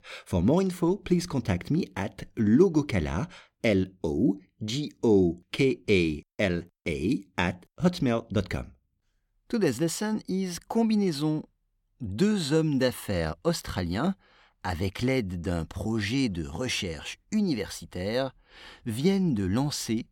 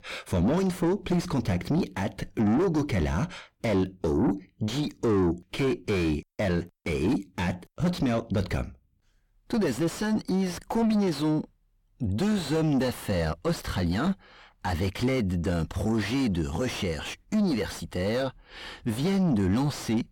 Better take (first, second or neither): first